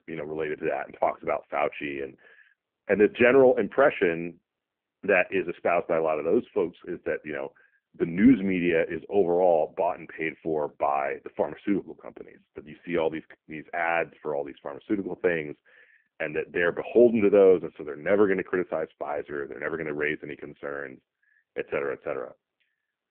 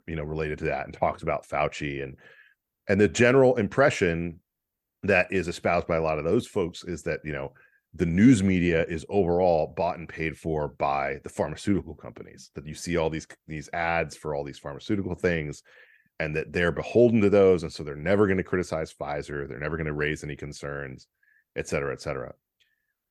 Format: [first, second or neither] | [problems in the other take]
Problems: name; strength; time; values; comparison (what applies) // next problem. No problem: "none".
second | phone-call audio; poor line